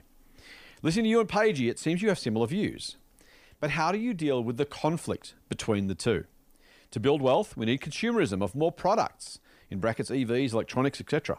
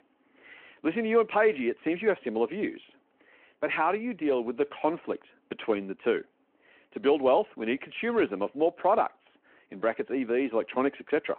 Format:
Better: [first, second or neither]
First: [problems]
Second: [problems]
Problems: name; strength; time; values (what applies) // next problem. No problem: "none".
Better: first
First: none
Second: phone-call audio